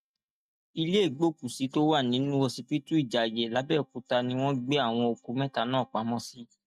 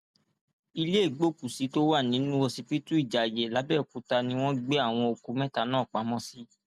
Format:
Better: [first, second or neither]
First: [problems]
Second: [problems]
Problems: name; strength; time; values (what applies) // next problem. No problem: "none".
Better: second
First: noise reduction (neural mask model DeepFilterNet 3)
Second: none